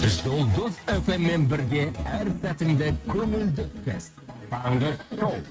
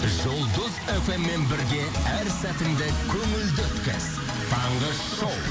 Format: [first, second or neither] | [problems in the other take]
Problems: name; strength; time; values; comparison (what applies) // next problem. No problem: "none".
second | noise reduction (neural mask model RNNoise)